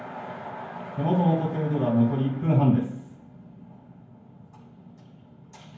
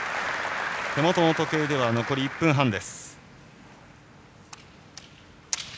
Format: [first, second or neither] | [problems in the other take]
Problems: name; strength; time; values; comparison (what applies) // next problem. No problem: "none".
second | room echo; dies away in 0.9 s